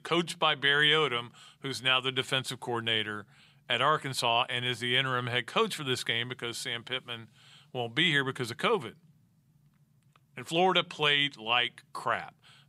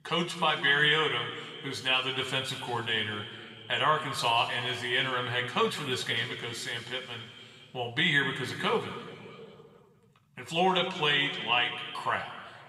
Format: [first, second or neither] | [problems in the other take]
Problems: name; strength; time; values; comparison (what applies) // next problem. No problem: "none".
first | room echo; noticeable; dies away in 2.1 s // off-mic speech; somewhat distant